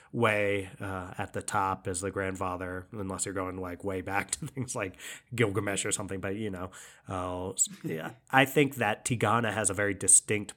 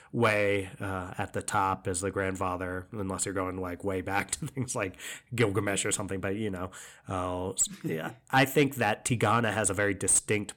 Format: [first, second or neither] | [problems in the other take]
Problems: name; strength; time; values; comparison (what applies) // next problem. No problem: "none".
first | distortion; slight; 10 dB below the speech